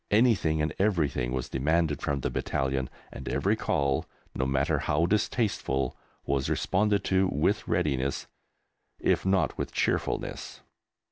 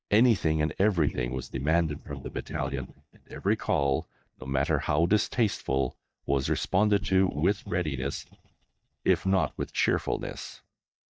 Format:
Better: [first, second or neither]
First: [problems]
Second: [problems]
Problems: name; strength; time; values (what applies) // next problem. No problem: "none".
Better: first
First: none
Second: noise reduction (neural mask model DeepFilterNet 3)